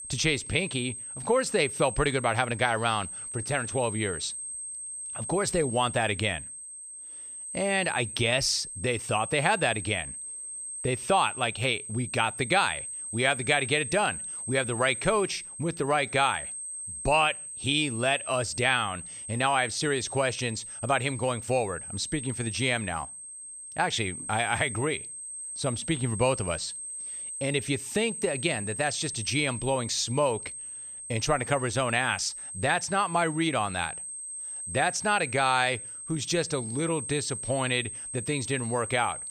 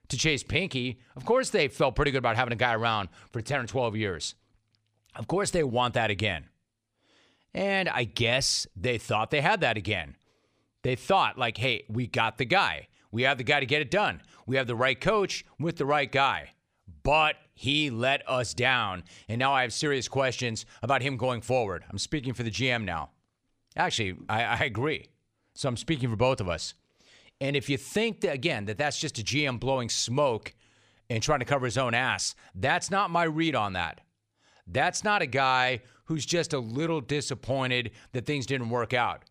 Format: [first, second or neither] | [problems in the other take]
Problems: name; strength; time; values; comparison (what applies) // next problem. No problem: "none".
second | high-pitched whine; loud; throughout; 8.5 kHz, 8 dB below the speech